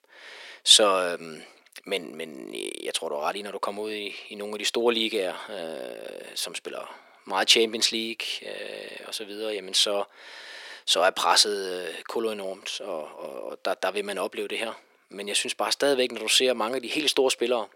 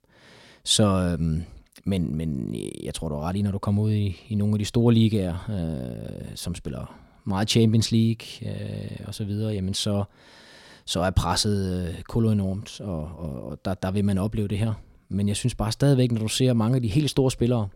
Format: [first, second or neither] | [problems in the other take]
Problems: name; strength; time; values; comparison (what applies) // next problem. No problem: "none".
second | thin; very; fading below 400 Hz